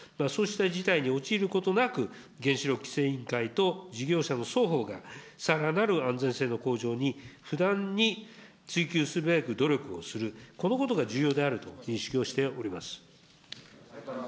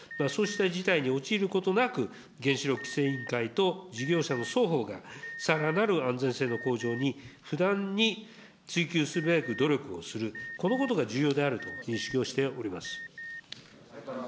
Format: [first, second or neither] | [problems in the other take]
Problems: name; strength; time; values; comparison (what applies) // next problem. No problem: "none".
first | background sound (Alarm); 16 dB below the speech